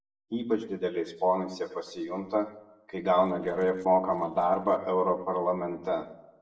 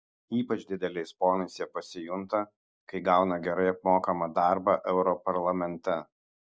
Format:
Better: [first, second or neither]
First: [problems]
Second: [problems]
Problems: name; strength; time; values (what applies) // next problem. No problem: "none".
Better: second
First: noise reduction (neural separator model SepFormer DNS4)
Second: none